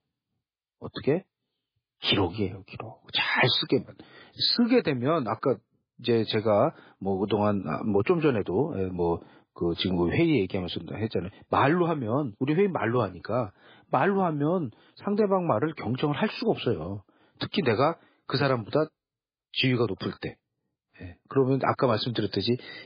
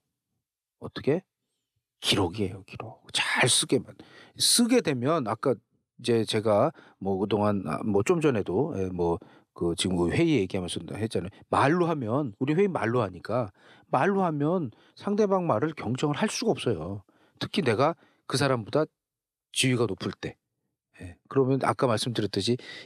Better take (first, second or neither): second